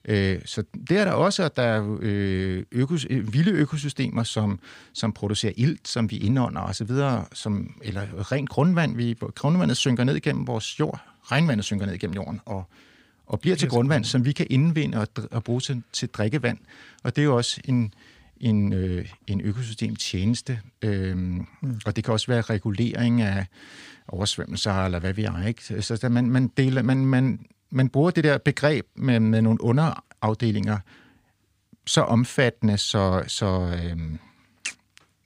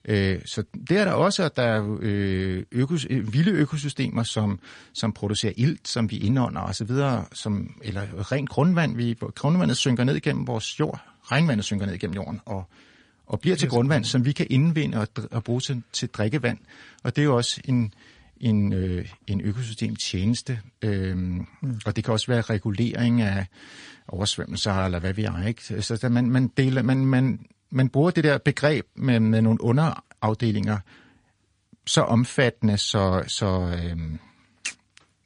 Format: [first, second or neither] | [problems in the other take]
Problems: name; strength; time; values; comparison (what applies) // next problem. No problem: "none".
first | garbled, watery; slightly; nothing above 9.5 kHz